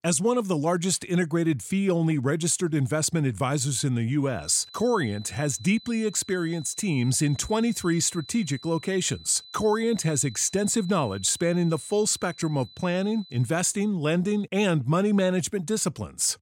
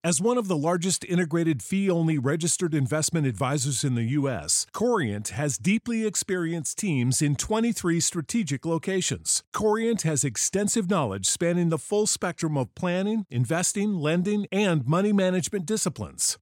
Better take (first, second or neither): second